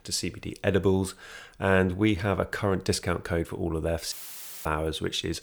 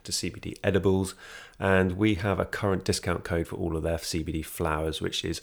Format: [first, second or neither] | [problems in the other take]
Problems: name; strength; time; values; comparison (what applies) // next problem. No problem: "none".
second | audio cutting out; filled with static; at 4 s for 0.5 s